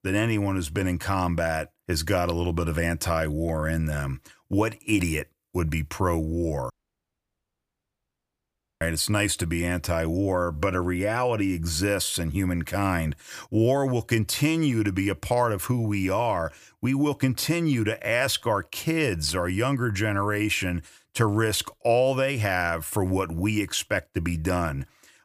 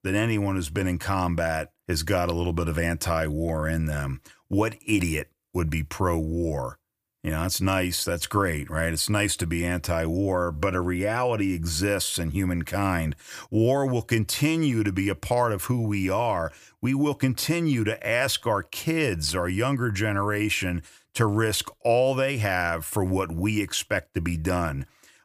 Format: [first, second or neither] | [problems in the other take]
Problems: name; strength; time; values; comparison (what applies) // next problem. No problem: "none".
second | audio cutting out; at 6.5 s for 2 s